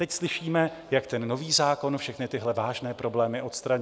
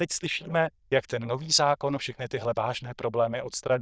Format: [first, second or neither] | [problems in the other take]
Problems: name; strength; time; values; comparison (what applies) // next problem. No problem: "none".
first | noise reduction (neural diffusion model UNIVERSE++)